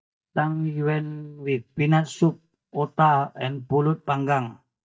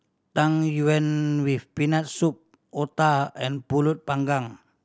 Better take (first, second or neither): second